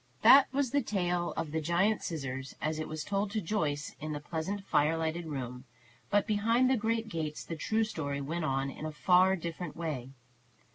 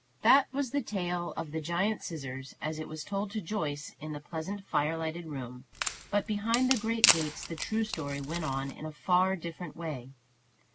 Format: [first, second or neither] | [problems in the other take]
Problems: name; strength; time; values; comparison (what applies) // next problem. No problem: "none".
first | background sound (Wood); 1 dB below the speech